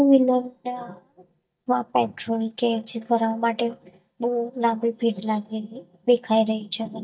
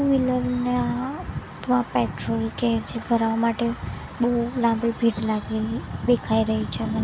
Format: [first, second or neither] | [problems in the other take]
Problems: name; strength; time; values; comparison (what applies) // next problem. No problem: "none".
second | noise reduction (neural mask model DeepFilterNet 3)